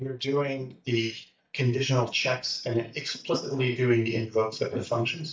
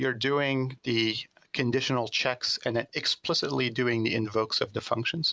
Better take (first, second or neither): second